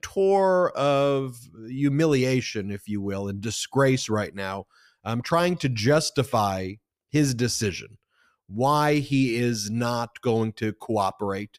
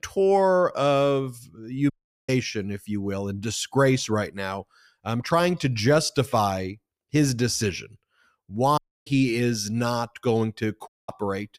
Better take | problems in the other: first | audio cutting out; at 2 s, at 9 s and at 11 s

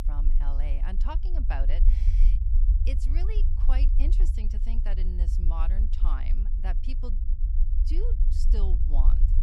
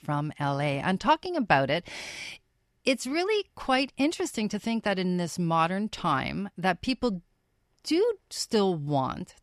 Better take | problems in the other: second | low rumble; loud; throughout; 6 dB below the speech

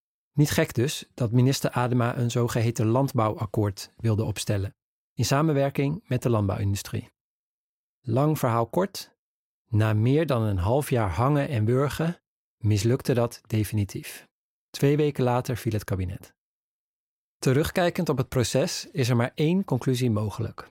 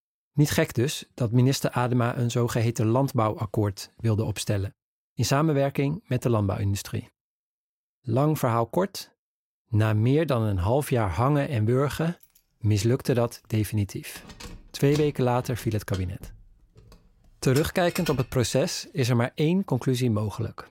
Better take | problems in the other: first | jangling keys; noticeable; from 12 to 18 s; peak 10 dB below the speech

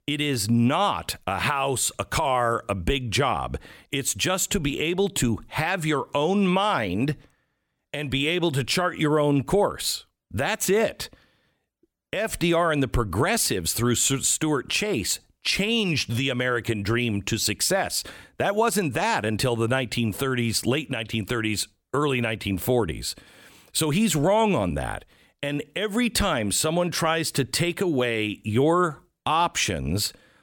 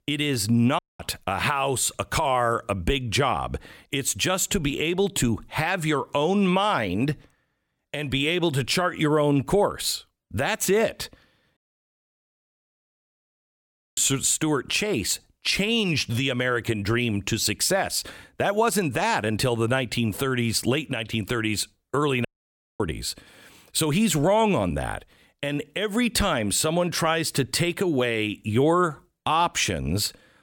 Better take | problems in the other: first | audio cutting out; at 1 s, at 12 s for 2.5 s and at 22 s for 0.5 s

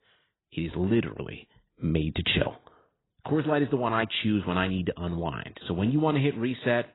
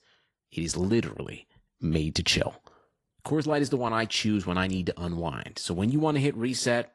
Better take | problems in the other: second | garbled, watery; badly; nothing above 4 kHz; slightly in the second

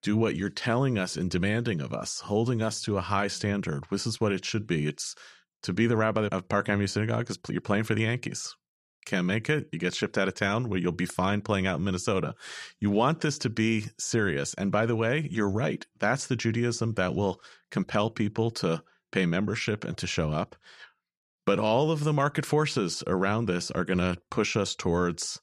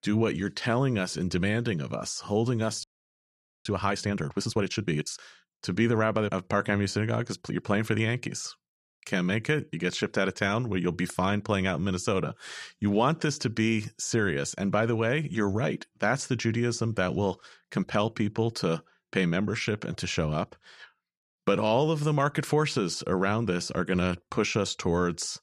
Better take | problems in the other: first | audio freezing; at 3 s for 1 s

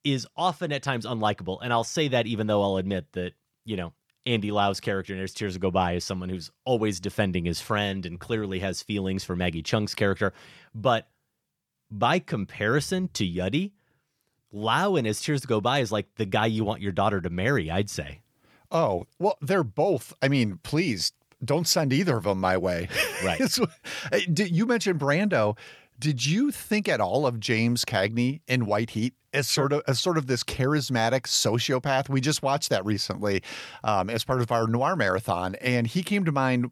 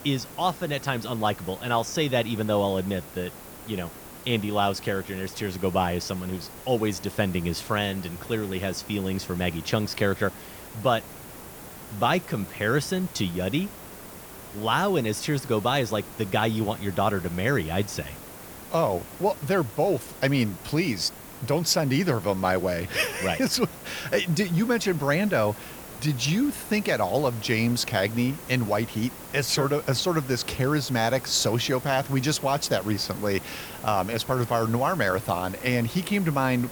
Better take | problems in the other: first | hiss; noticeable; throughout; 15 dB below the speech

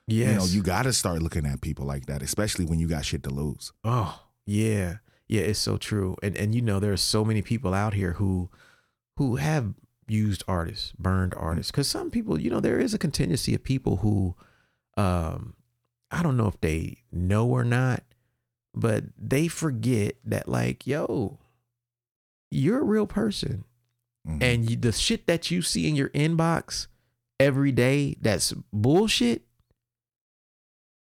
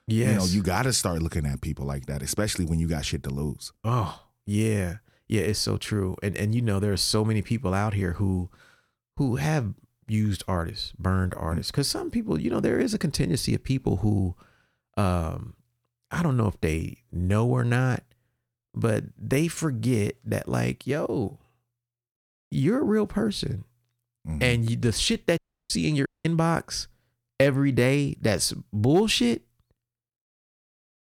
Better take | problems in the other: first | audio cutting out; at 25 s and at 26 s

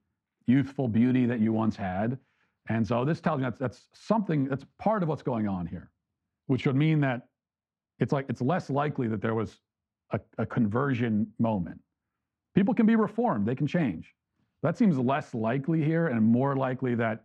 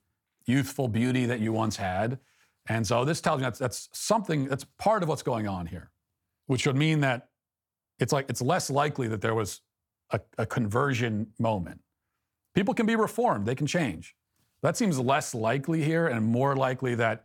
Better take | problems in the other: second | muffled; slightly; fading above 2.5 kHz

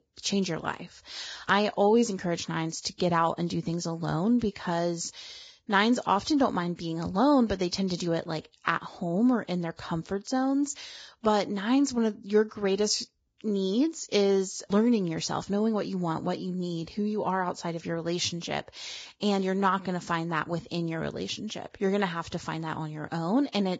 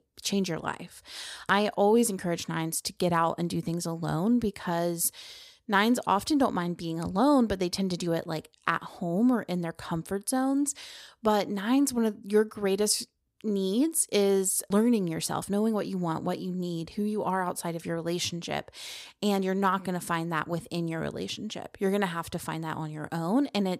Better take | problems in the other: second | garbled, watery; badly; nothing above 7.5 kHz

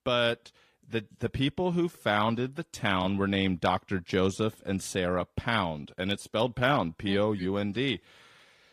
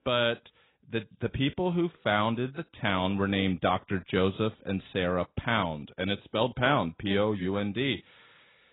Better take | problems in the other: first | garbled, watery; badly; nothing above 3.5 kHz; slightly in the first

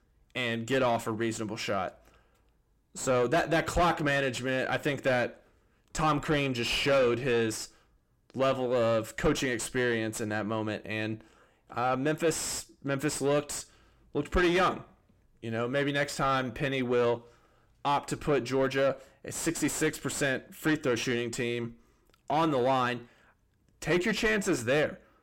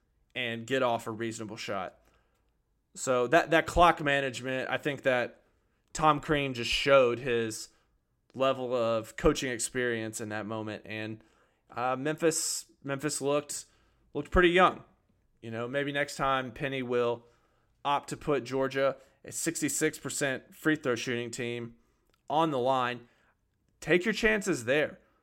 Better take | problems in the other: second | distortion; heavy; 7 dB below the speech

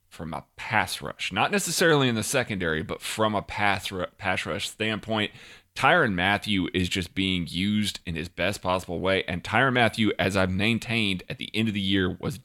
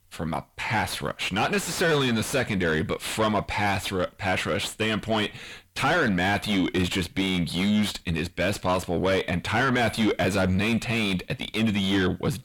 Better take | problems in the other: first | distortion; heavy; 5 dB below the speech

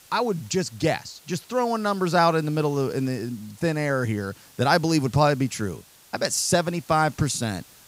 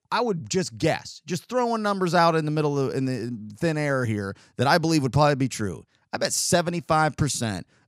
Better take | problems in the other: second | hiss; faint; throughout; 25 dB below the speech

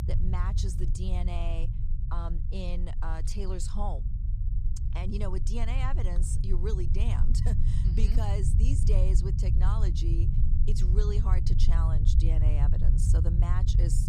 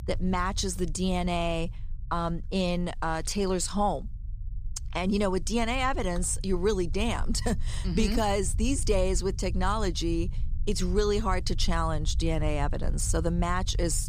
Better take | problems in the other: second | low rumble; loud; throughout; 4 dB below the speech; faint in the second

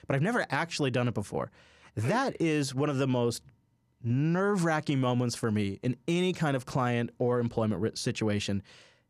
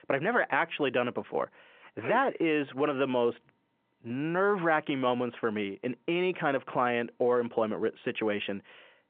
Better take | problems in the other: first | phone-call audio; nothing above 3.5 kHz

